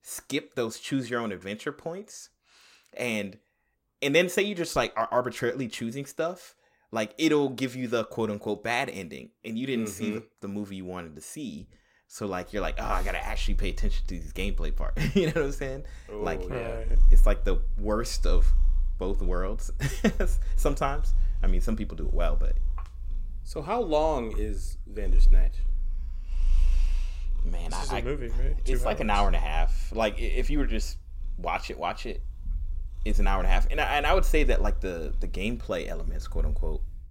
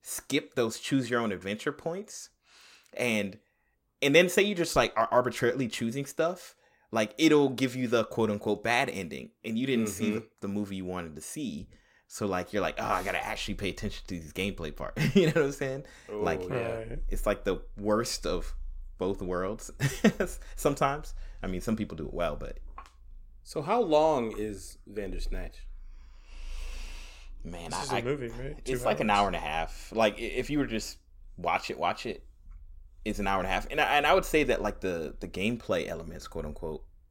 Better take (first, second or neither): second